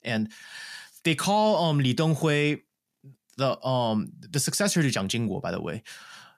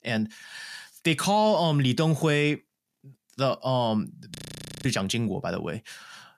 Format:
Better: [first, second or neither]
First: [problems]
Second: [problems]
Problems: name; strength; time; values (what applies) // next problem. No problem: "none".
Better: first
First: none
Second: audio freezing; at 4.5 s for 0.5 s